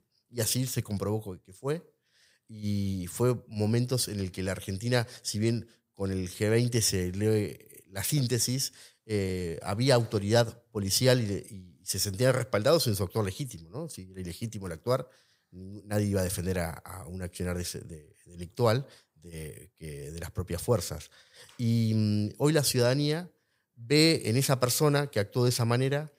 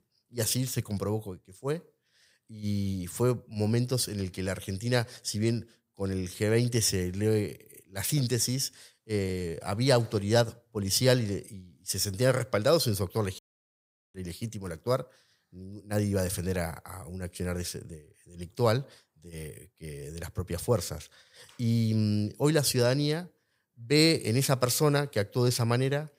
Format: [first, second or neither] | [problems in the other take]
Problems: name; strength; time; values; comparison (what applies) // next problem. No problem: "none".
first | audio cutting out; at 13 s for 1 s